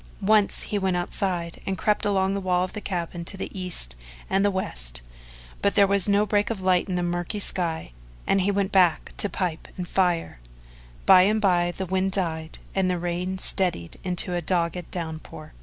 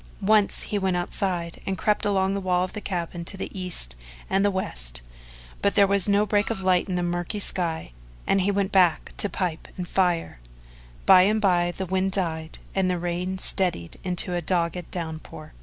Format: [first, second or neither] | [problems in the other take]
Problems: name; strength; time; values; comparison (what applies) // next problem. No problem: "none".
first | background sound (Printer); 19 dB below the speech